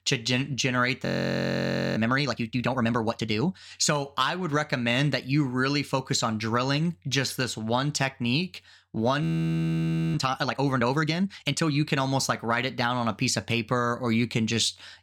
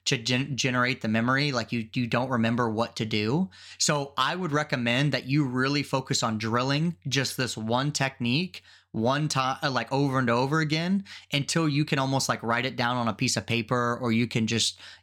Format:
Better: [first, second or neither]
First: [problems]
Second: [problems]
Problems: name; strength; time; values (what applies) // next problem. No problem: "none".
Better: second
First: audio freezing; at 1 s for 1 s and at 9 s for 1 s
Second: none